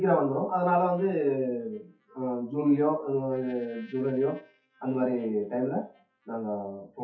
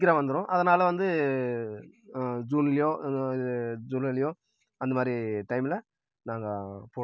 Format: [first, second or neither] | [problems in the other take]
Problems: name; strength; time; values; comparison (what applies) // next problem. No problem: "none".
second | noise reduction (classical method WPE with log-MMSE)